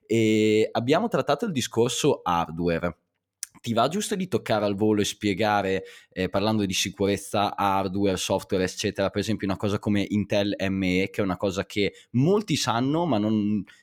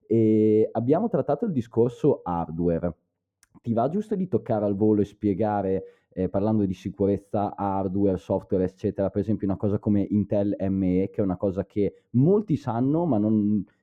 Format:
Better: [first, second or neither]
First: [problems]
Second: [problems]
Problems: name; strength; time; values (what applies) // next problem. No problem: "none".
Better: first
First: none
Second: muffled; very; fading above 1.5 kHz